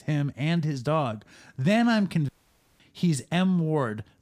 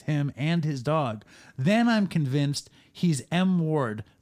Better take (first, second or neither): second